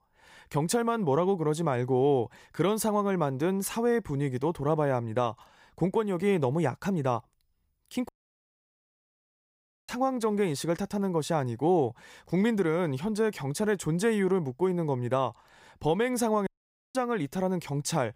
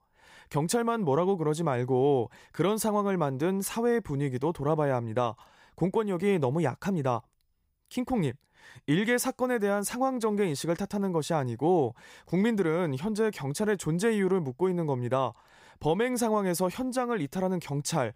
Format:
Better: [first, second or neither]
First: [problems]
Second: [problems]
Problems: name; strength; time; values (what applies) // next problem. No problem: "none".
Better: second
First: audio cutting out; at 8 s for 2 s and at 16 s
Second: none